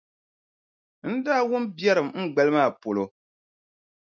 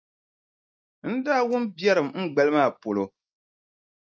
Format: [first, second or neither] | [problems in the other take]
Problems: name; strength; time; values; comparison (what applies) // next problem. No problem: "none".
first | noise reduction (neural mask model Resemble Enhance denoiser)